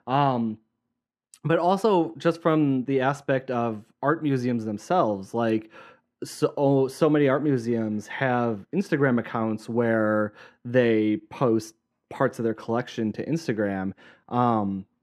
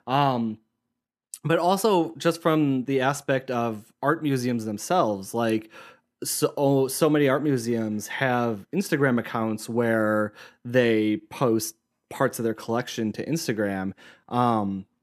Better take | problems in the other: second | muffled; slightly; fading above 2 kHz

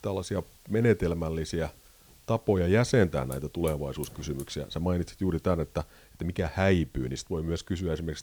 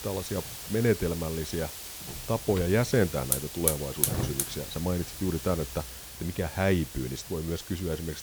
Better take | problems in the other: first | hiss; loud; throughout; 4 dB below the speech; faint in the first

